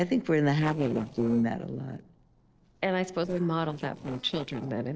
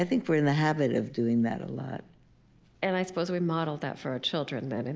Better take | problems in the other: second | noise reduction (neural separator model SepFormer DNS4)

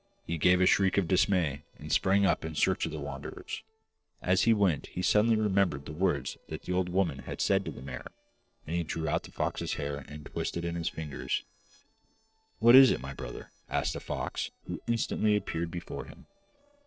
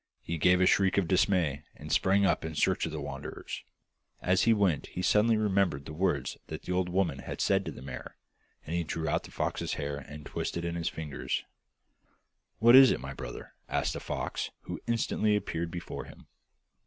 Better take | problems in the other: second | noise reduction (neural separator model SepFormer DNS4)

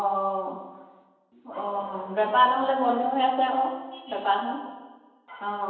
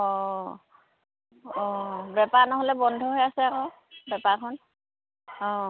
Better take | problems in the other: second | room echo; dies away in 1 s

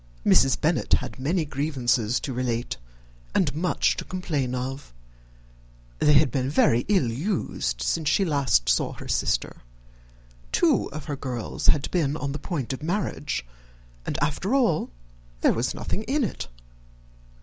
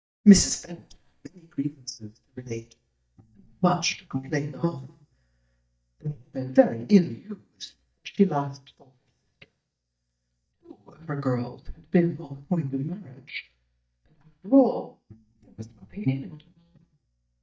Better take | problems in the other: first | noise reduction (neural mask model DeepFilterNet 3)

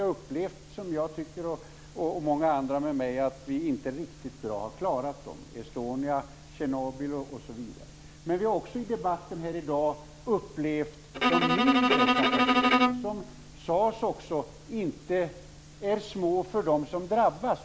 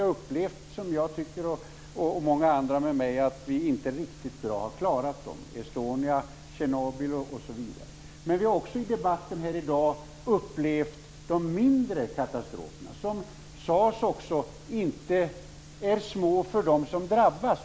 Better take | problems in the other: second | background sound (Bowed string instrument); 5 dB above the speech

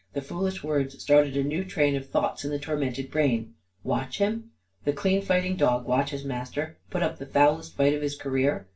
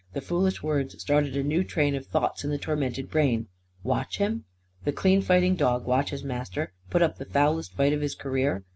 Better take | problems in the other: second | room echo; dies away in 0.2 s

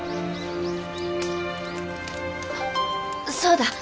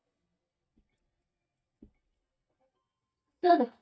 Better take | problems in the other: first | noise reduction (neural mask model DeepFilterNet 3)

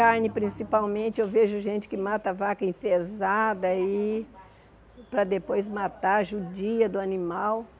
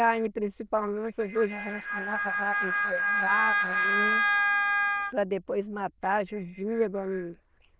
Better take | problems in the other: first | noise reduction (neural diffusion model UNIVERSE++)

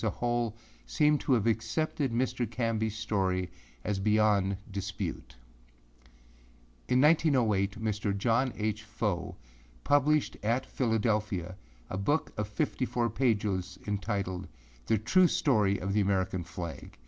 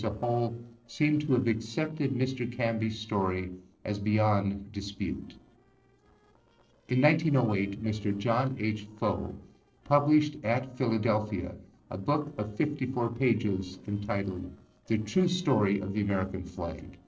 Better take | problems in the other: first | noise reduction (neural separator model SepFormer DNS4)

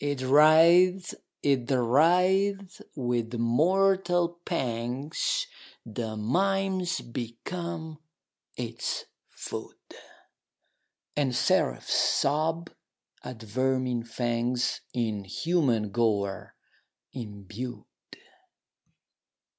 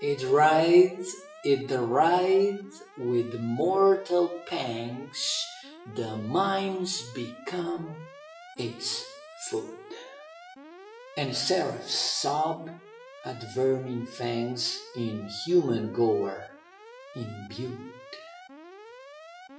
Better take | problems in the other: first | noise reduction (classical method WPE with log-MMSE)

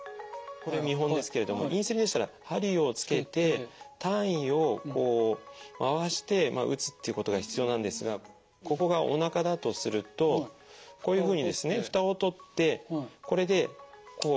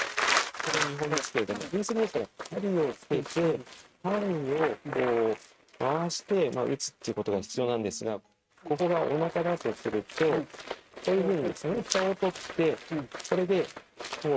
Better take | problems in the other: first | noise reduction (neural mask model RNNoise)

